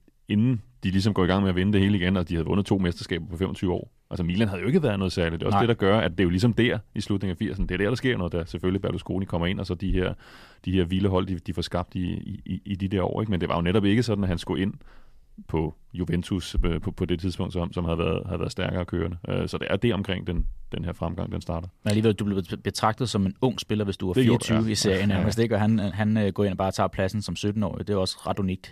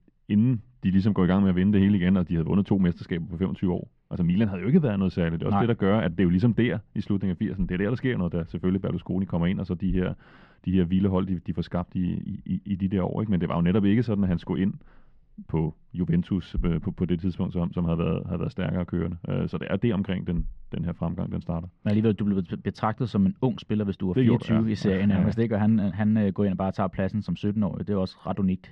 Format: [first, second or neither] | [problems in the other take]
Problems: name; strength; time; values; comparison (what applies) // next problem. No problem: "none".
first | muffled; slightly; fading above 2.5 kHz